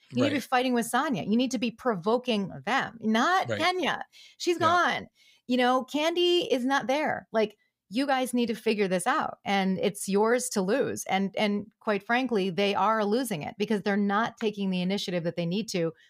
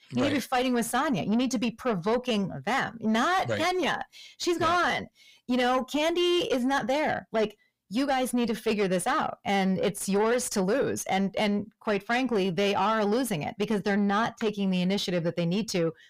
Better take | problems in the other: first | distortion; slight; 10 dB below the speech

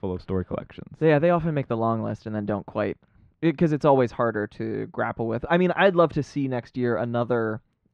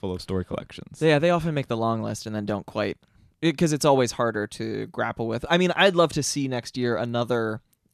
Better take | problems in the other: second | muffled; very; fading above 2 kHz

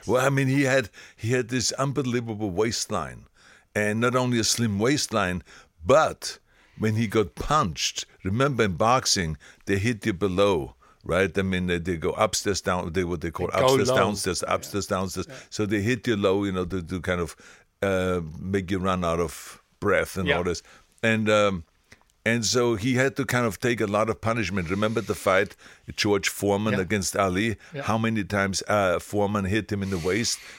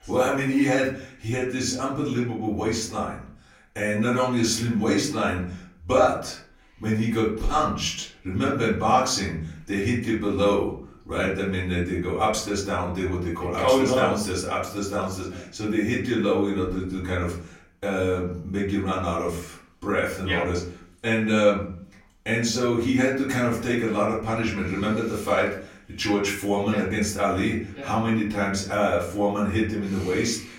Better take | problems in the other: first | off-mic speech; far // room echo; slight; dies away in 0.5 s

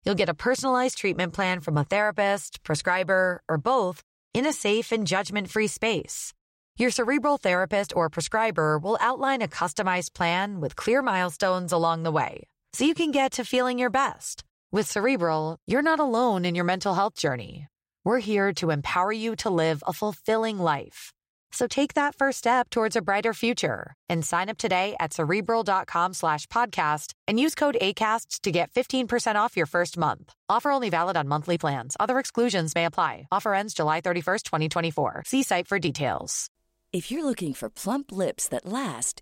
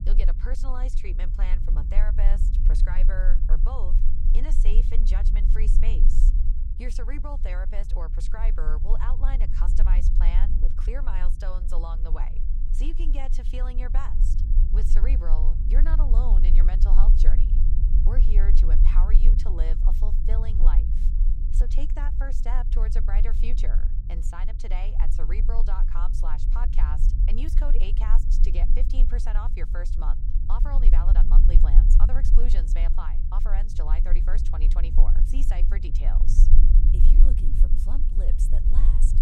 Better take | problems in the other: first | low rumble; loud; throughout; 6 dB below the speech

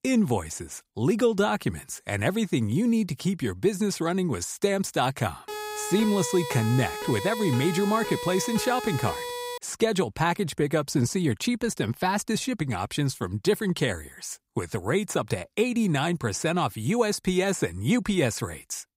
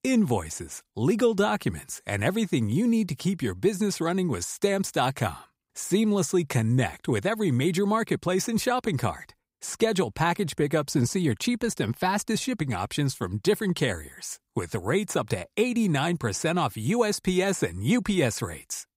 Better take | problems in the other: second | siren; noticeable; from 5.5 to 9.5 s; peak 6 dB below the speech

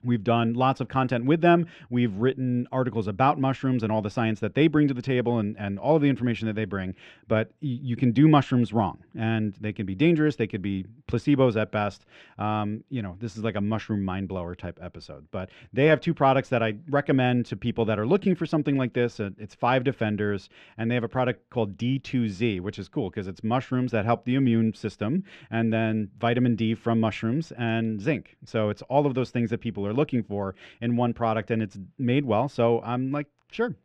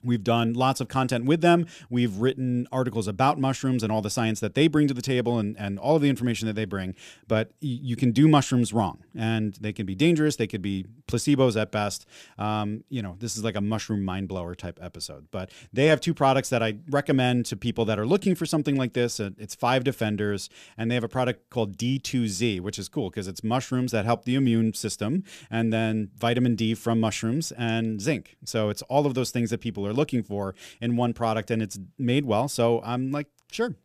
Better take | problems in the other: second | muffled; very; fading above 2 kHz

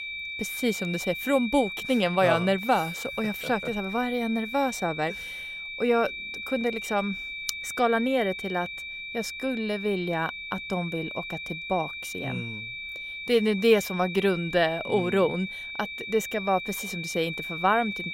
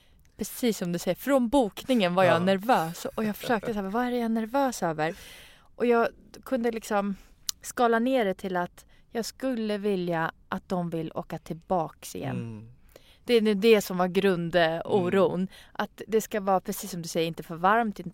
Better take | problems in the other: second | high-pitched whine; loud; throughout; 2.5 kHz, 7 dB below the speech

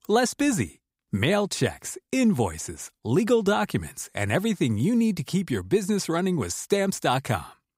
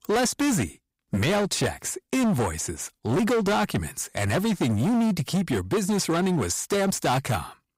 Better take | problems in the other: first | distortion; heavy; 20% of the sound clipped

